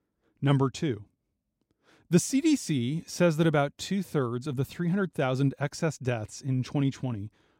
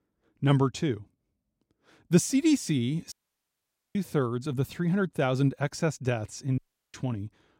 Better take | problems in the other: first | audio cutting out; at 3 s for 1 s and at 6.5 s

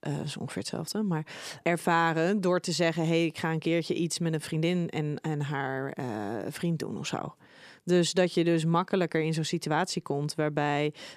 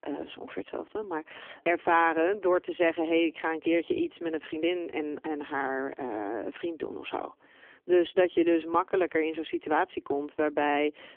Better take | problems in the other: first | phone-call audio; poor line; nothing above 3.5 kHz

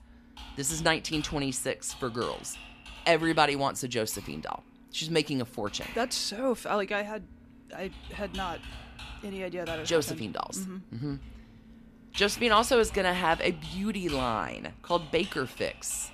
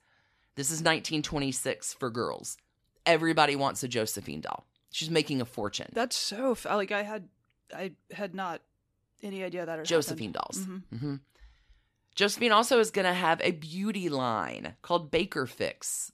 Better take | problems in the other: second | household noises; noticeable; throughout; 15 dB below the speech

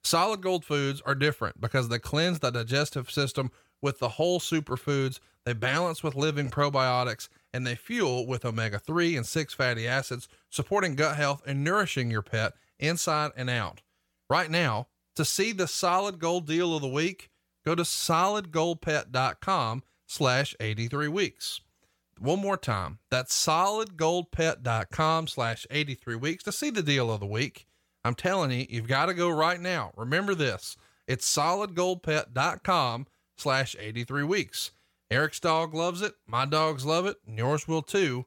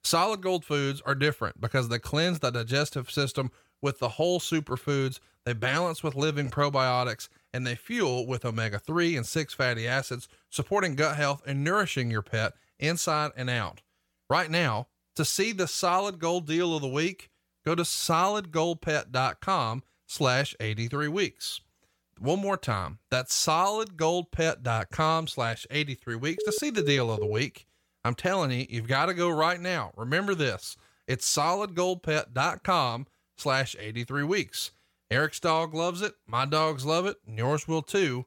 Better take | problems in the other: first | phone ringing; noticeable; from 26 to 27 s; peak 5 dB below the speech

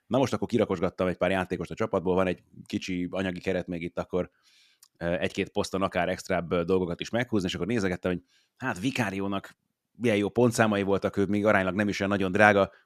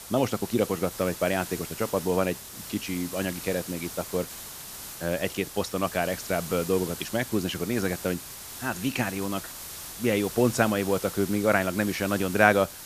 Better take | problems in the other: first | hiss; loud; throughout; 10 dB below the speech

